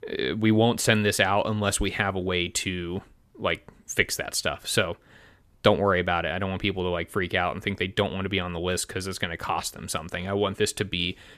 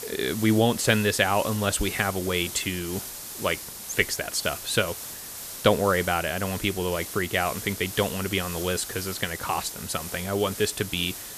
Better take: first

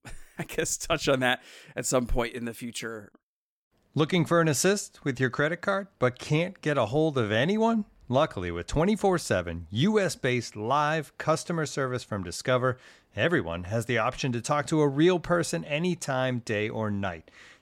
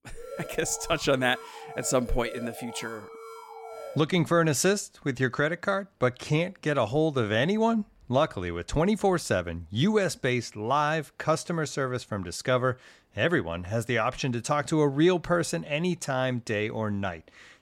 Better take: first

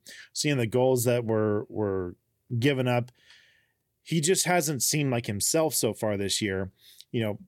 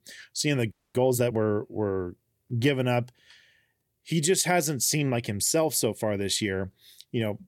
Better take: first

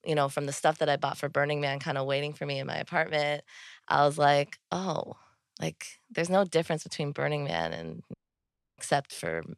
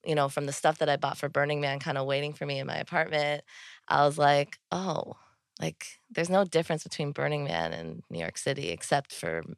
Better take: second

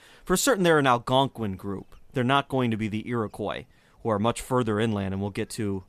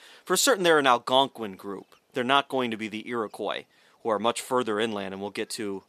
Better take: first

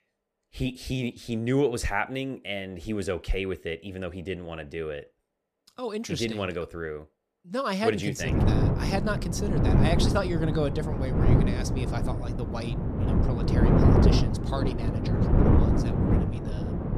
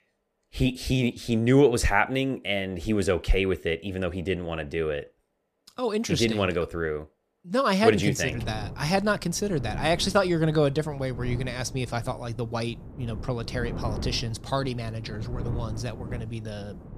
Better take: second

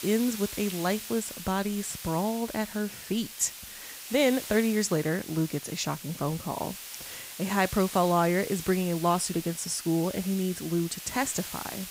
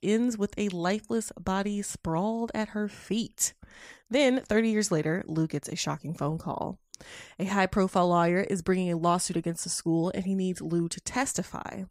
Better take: second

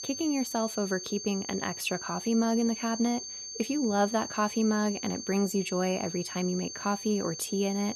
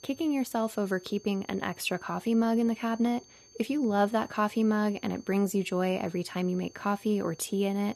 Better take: second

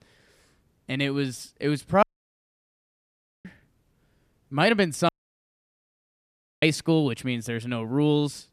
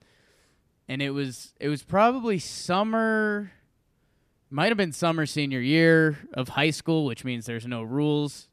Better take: second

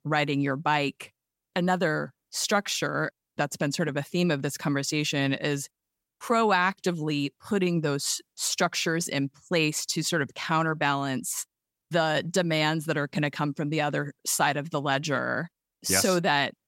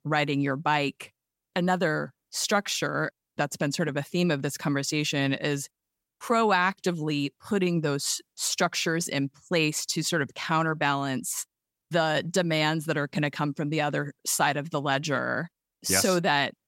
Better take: neither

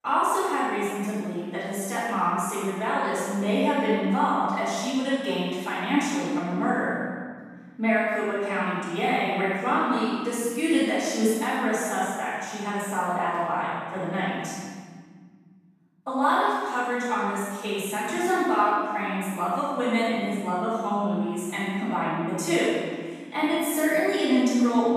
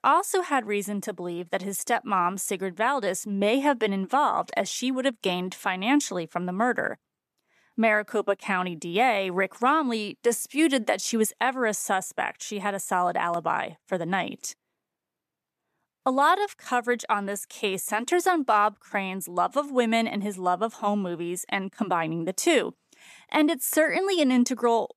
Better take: second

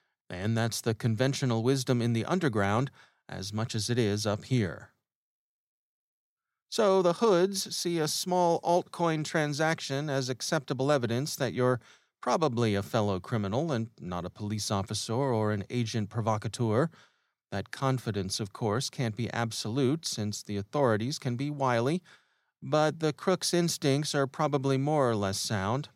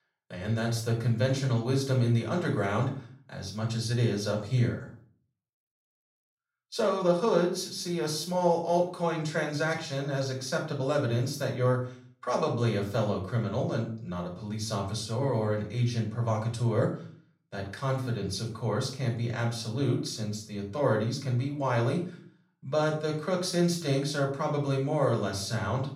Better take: first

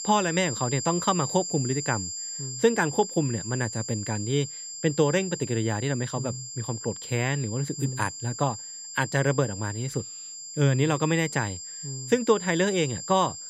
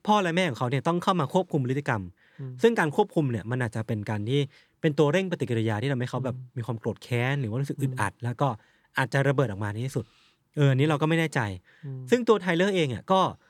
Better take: second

